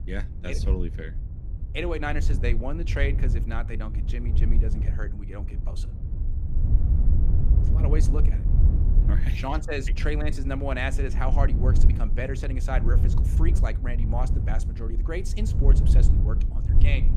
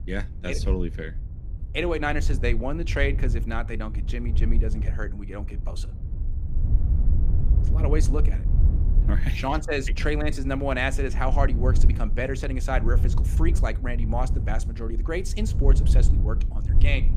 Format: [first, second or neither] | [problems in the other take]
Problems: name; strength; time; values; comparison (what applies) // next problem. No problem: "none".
second | wind noise on the microphone; heavy; 8 dB below the speech; occasional gusts in the second